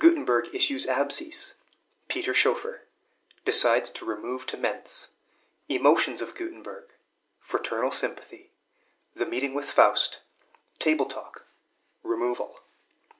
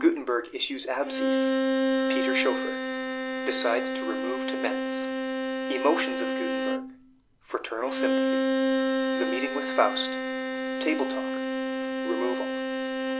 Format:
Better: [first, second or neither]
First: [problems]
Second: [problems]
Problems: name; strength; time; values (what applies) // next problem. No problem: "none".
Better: first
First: none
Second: background sound (Bowed string instrument); 3 dB above the speech